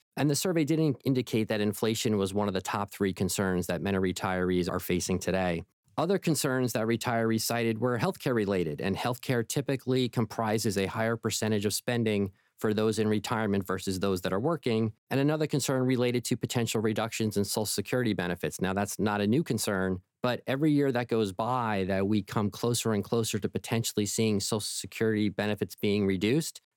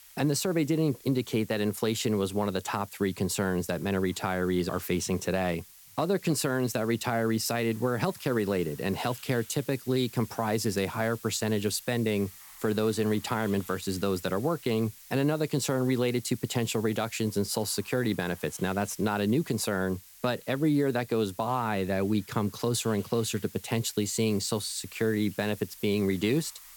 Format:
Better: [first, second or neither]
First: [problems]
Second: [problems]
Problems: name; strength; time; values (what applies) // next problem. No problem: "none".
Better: first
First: none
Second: hiss; noticeable; throughout; 20 dB below the speech